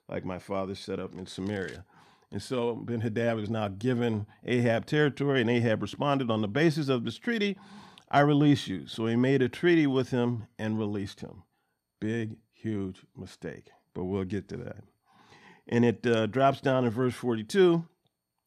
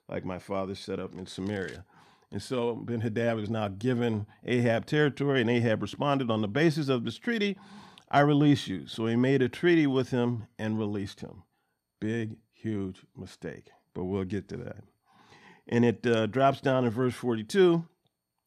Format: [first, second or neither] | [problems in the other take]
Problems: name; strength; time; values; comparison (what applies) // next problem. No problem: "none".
neither | none